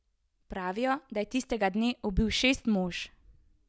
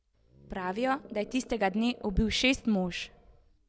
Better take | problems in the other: first | background sound (Animal); 20 dB below the speech

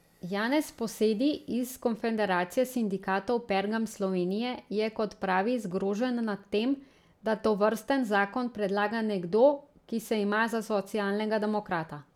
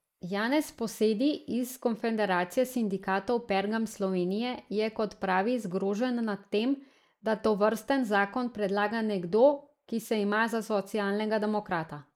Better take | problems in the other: first | noise reduction (neural mask model Resemble Enhance denoiser)

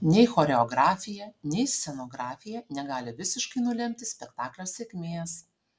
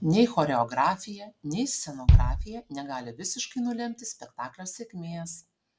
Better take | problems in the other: first | background sound (Bass drum); 4 dB above the speech

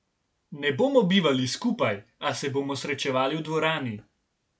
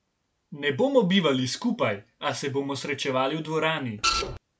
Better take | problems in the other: first | background sound (Printer); 1 dB above the speech

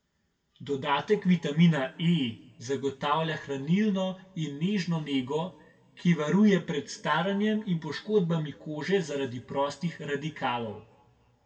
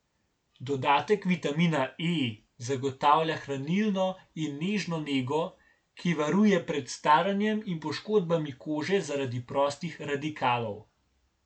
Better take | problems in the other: second | room echo; dies away in 1 s

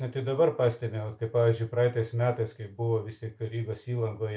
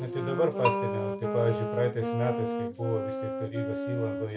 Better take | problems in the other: first | background sound (Wind instrument, woodwind instrument + Bell); 1 dB below the speech

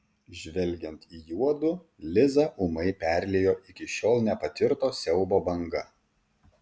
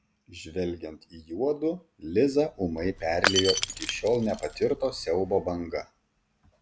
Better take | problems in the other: first | background sound (Shatter / Crushing); 5 dB below the speech

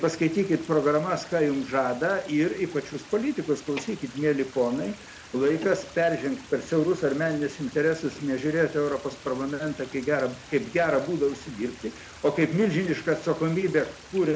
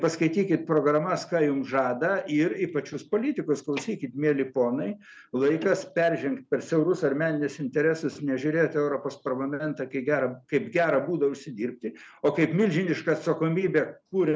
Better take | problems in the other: second | background sound (Stream); 19 dB below the speech

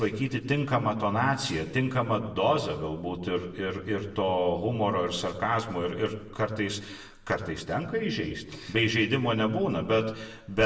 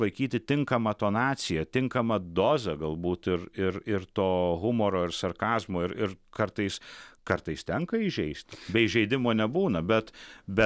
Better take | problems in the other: second | room echo; dies away in 0.8 s

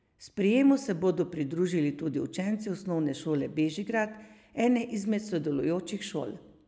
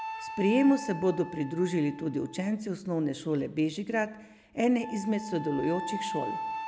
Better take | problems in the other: first | background sound (Wind instrument, woodwind instrument); 11 dB below the speech

